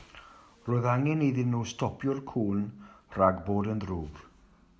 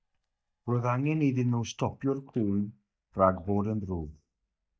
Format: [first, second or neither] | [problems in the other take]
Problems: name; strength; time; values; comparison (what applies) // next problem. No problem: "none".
first | noise reduction (neural mask model DeepFilterNet 3)